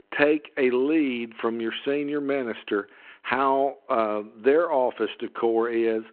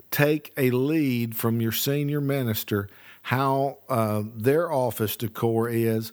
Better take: second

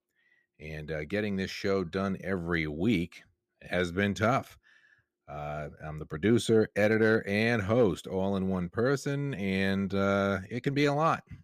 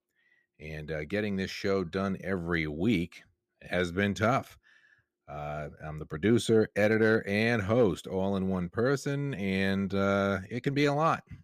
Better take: neither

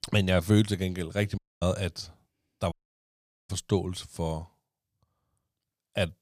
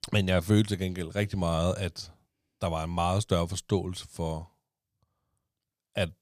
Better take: second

